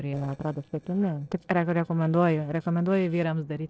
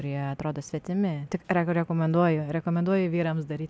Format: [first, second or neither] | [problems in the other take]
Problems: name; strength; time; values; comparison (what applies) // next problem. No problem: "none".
second | noise reduction (neural separator model SepFormer DNS4)